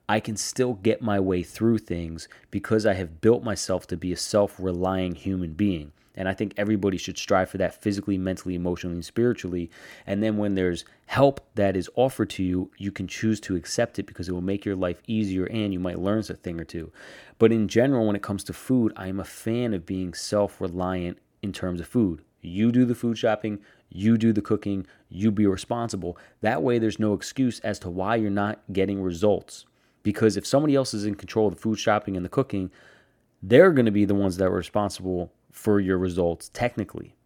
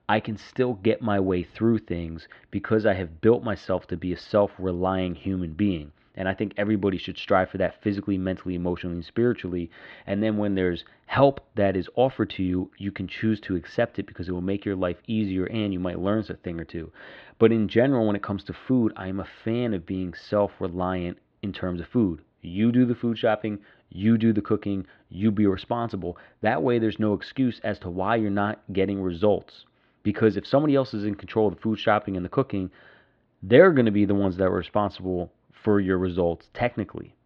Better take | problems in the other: first | muffled; slightly; fading above 4 kHz

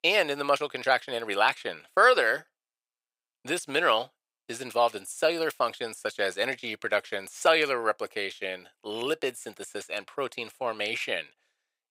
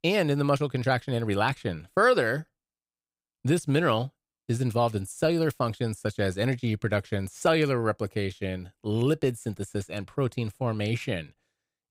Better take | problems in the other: second | thin; very; fading below 600 Hz

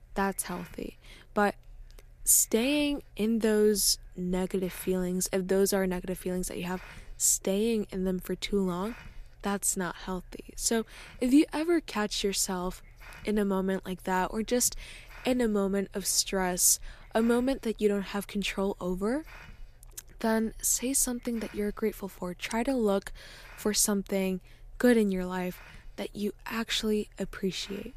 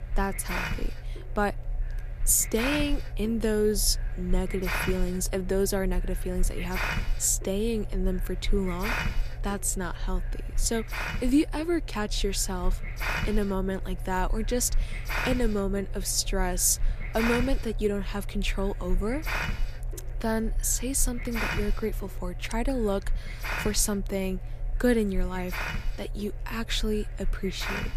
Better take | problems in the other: first | hiss; loud; throughout; 5 dB below the speech; faint in the first

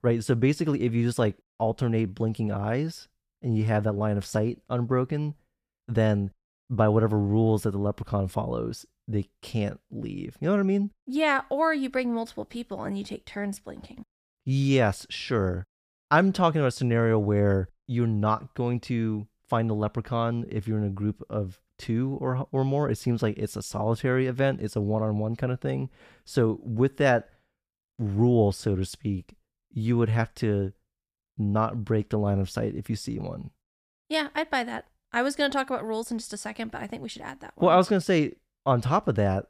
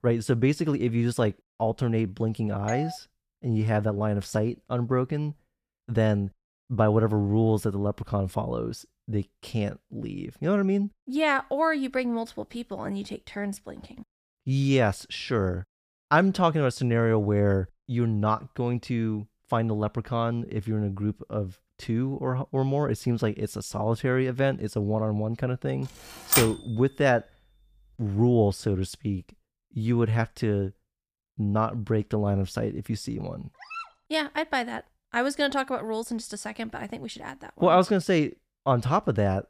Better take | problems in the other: first | doorbell; noticeable; at 2.5 s; peak 8 dB below the speech // keyboard typing; loud; at 26 s; peak 4 dB above the speech // dog barking; faint; at 34 s; peak 10 dB below the speech

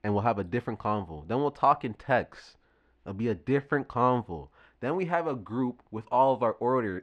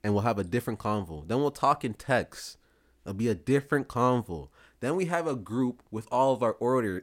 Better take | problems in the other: second | muffled; slightly; fading above 2.5 kHz

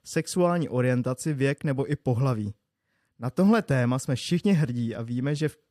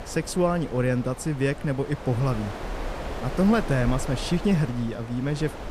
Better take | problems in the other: first | wind noise on the microphone; heavy; 8 dB below the speech

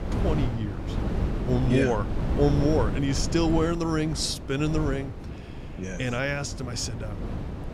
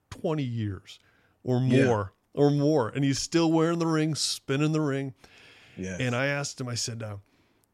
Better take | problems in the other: second | wind noise on the microphone; heavy; 9 dB below the speech

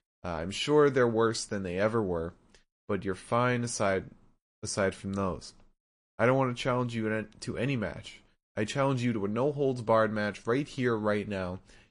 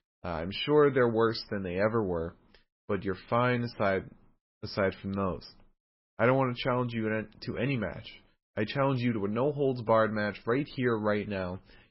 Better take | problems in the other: first | garbled, watery; badly; nothing above 5.5 kHz; slightly in the first

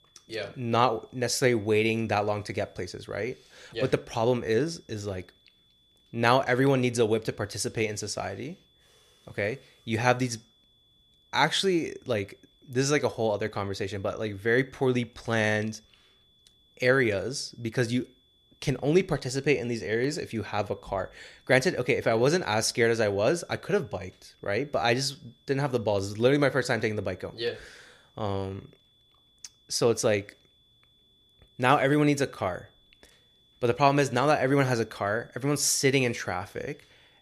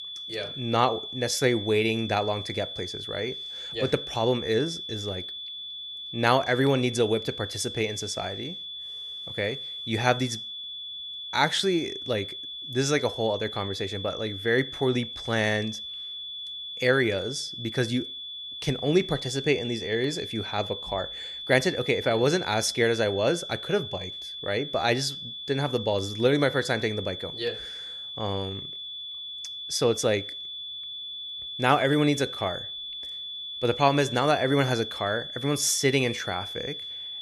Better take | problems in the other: first | high-pitched whine; loud; throughout; 3.5 kHz, 8 dB below the speech; faint in the first

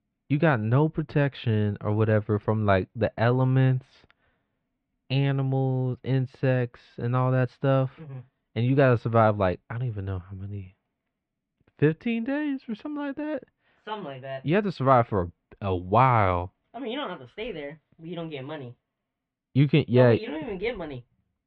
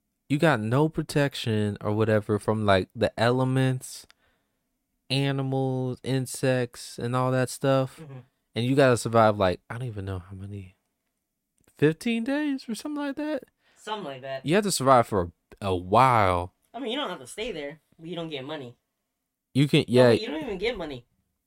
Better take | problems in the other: second | muffled; slightly; fading above 3 kHz

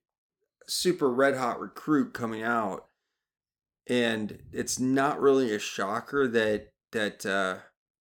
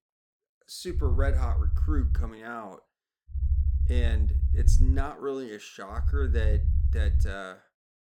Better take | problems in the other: first | low rumble; loud; from 1 to 2 s, from 3.5 to 5 s and from 6 to 7.5 s; 9 dB below the speech

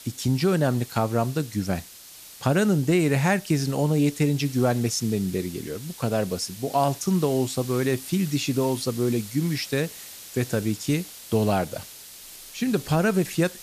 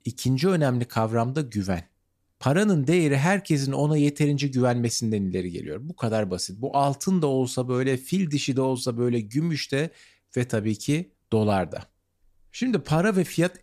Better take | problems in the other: second | hiss; noticeable; throughout; 15 dB below the speech

